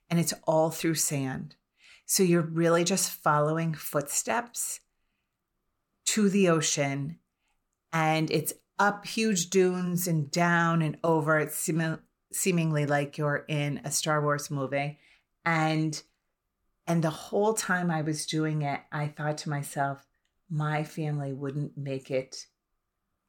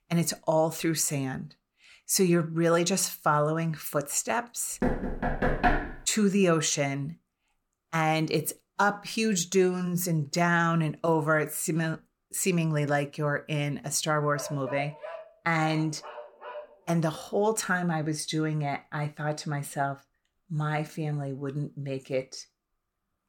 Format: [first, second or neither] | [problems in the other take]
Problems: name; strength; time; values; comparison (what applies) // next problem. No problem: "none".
first | door banging; loud; from 5 to 6 s; peak 2 dB above the speech // dog barking; faint; from 14 to 17 s; peak 10 dB below the speech